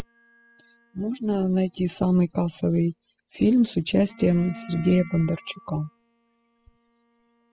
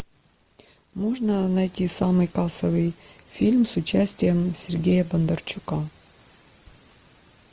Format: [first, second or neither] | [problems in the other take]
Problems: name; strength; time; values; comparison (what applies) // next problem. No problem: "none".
second | noise reduction (classical method spectral subtraction)